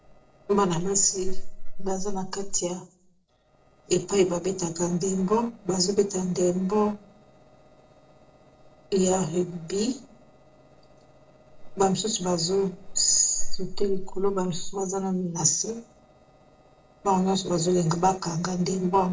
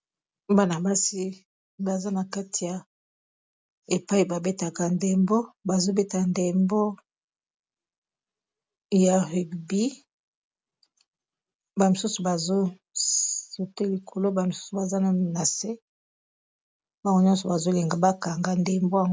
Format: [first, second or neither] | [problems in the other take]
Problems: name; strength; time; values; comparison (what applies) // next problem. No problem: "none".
second | noise reduction (neural separator model SepFormer DNS4)